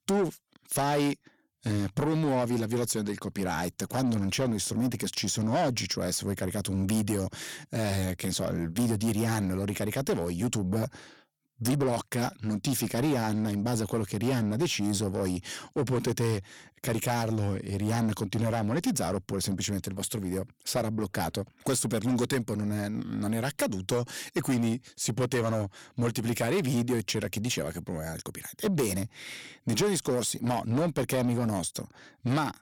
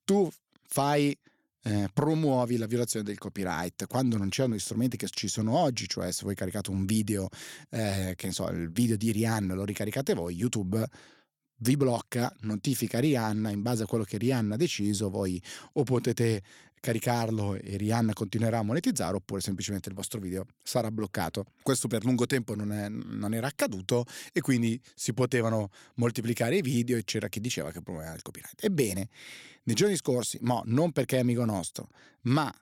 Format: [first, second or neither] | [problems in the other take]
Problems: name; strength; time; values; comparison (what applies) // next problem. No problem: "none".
second | distortion; slight; 10 dB below the speech